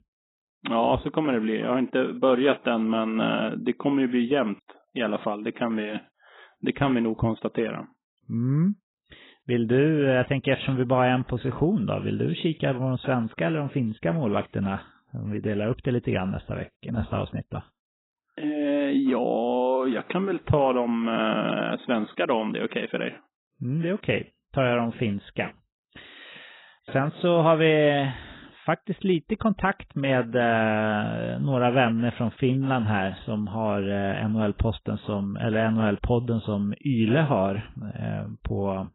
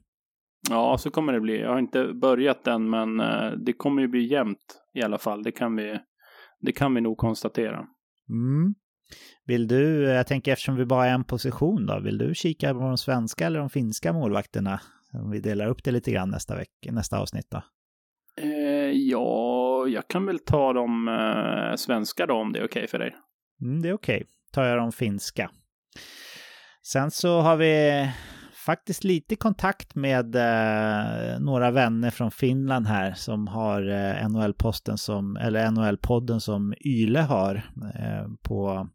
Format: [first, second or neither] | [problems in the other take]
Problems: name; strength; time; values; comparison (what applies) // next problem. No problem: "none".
second | garbled, watery; badly; nothing above 4 kHz